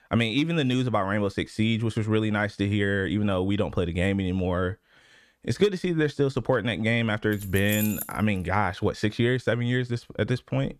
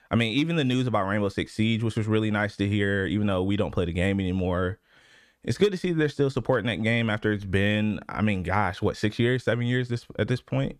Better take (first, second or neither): second